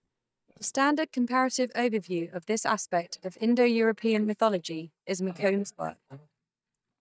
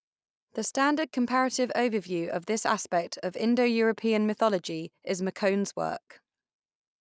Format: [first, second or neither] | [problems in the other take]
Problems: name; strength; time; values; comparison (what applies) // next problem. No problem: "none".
second | noise reduction (neural mask model DeepFilterNet 3)